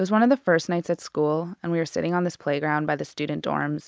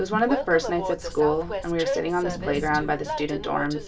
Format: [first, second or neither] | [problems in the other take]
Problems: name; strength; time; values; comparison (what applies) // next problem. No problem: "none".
first | background sound (Train); 6 dB below the speech // room echo; dies away in 0.2 s